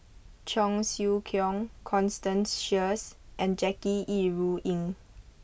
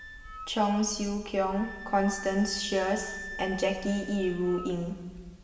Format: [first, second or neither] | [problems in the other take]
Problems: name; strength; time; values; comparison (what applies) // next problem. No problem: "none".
first | background sound (Wind instrument, woodwind instrument); 14 dB below the speech // room echo; dies away in 1.3 s